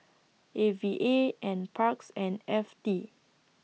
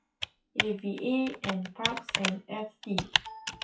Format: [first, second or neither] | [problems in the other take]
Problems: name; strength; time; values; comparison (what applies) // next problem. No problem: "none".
first | noise reduction (classical method WPE with log-MMSE)